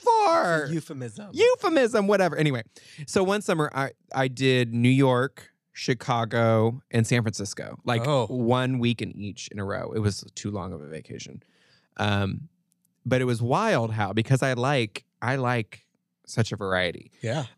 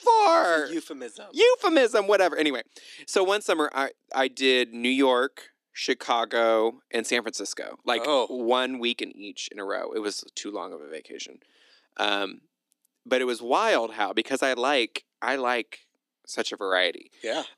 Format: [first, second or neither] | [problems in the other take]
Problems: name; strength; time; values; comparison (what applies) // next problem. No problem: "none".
first | thin; somewhat; fading below 300 Hz